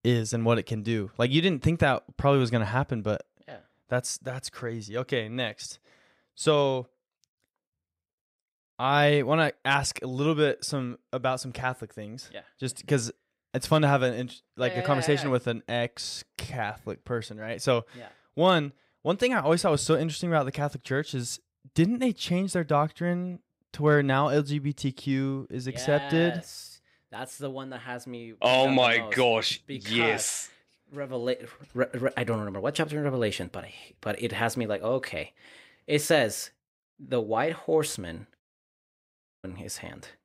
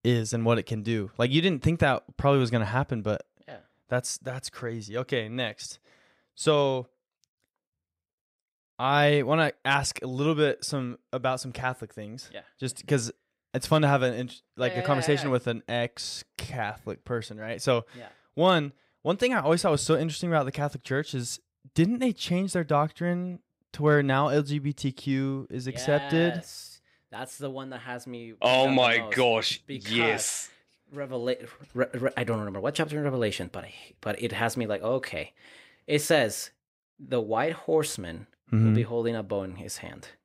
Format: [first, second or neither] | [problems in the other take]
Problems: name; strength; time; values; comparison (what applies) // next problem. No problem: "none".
second | audio cutting out; at 38 s for 1 s